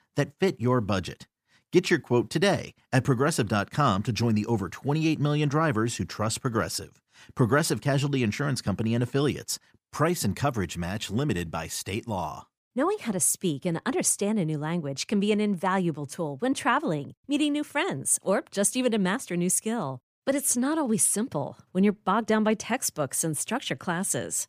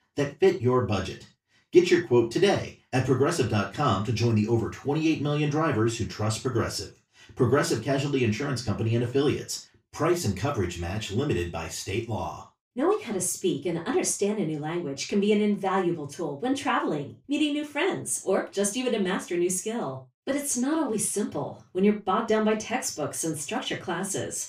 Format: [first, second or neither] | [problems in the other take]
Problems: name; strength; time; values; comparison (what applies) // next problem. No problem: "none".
first | room echo; slight; dies away in 0.3 s // off-mic speech; far